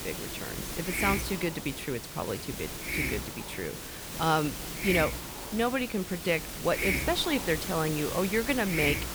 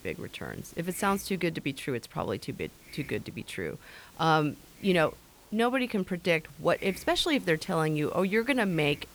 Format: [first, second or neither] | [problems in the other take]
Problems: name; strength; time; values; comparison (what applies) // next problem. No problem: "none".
second | hiss; loud; throughout; 3 dB below the speech; faint in the second